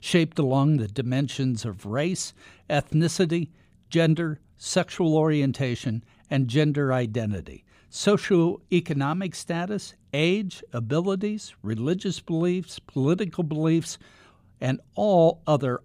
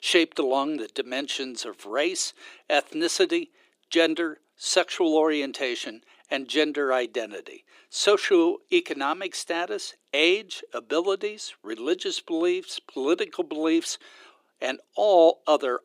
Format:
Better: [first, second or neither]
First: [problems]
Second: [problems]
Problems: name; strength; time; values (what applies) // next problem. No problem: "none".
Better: first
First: none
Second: thin; very; fading below 350 Hz